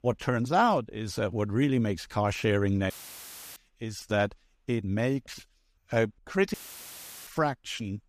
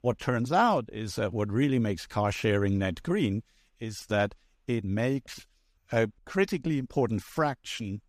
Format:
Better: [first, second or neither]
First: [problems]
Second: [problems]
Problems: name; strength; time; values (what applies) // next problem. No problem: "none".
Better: second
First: audio cutting out; filled with static; at 3 s for 0.5 s and at 6.5 s for 0.5 s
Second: none